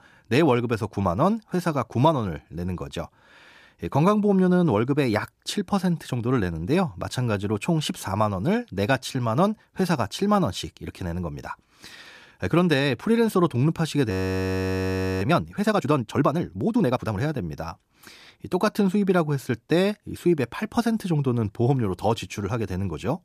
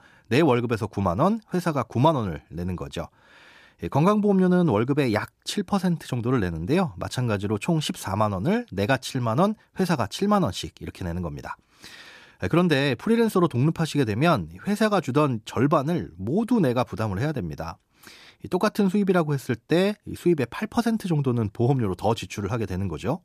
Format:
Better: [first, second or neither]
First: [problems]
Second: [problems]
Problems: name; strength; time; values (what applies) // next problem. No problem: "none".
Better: second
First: audio freezing; at 14 s for 1 s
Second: none